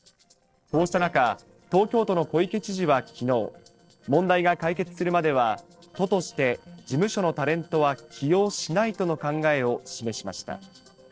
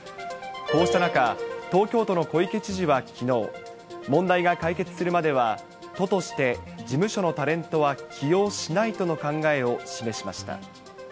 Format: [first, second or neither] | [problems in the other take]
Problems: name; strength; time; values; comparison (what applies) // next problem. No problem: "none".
second | noise reduction (neural separator model SepFormer DNS4)